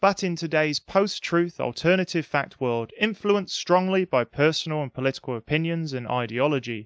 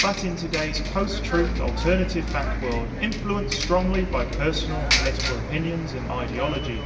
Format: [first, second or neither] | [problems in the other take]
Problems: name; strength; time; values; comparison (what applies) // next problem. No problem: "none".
first | background sound (Bus); as loud as the speech // room echo; dies away in 1 s